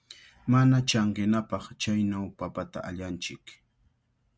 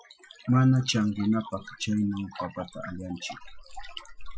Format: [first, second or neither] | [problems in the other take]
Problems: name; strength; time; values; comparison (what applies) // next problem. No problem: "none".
first | noise reduction (classical method Wiener filter)